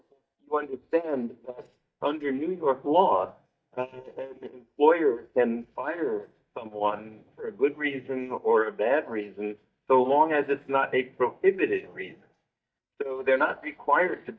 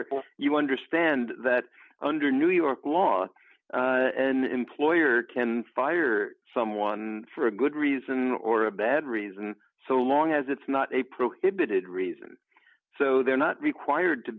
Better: second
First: noise reduction (neural mask model DeepFilterNet 3)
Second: none

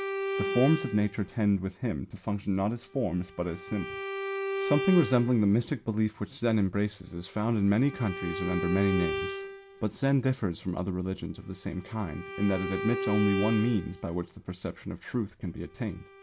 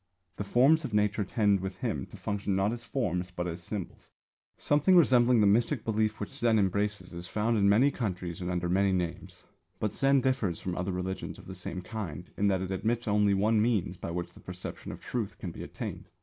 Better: second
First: background sound (Bowed string instrument); 8 dB below the speech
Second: none

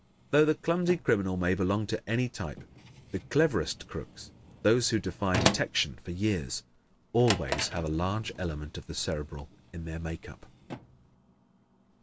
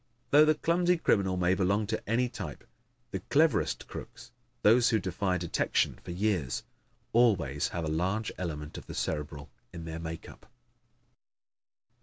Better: second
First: background sound (Drawer open or close); 9 dB below the speech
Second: none

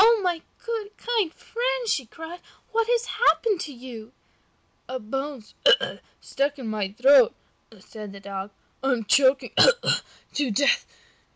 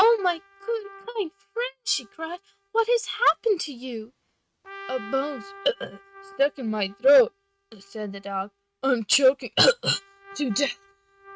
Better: first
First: none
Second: noise reduction (neural mask model RNNoise)

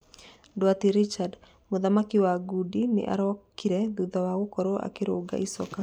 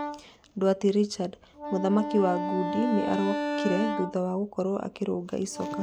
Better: first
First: none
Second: background sound (Wind instrument, woodwind instrument); 6 dB below the speech

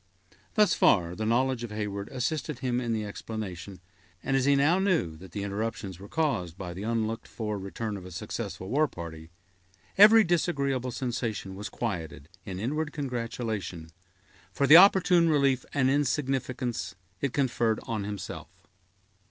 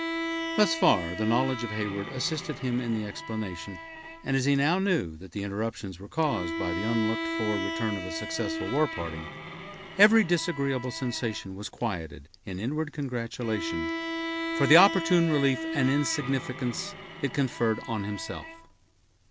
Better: first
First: none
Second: background sound (Bowed string instrument); 7 dB below the speech

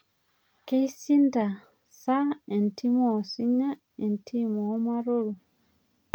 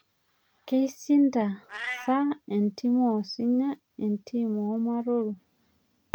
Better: first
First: none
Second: background sound (Meow); 19 dB below the speech

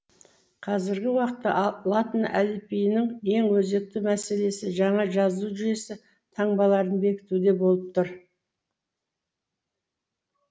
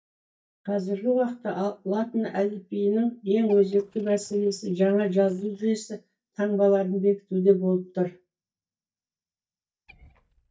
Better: first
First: none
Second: noise reduction (neural mask model DeepFilterNet 3)

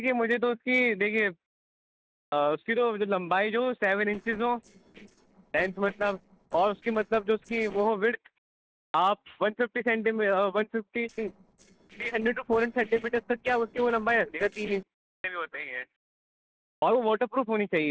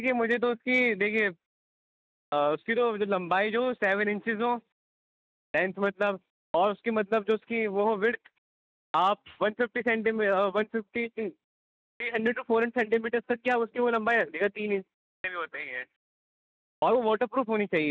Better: second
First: noise reduction (neural separator model SepFormer DNS4)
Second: none

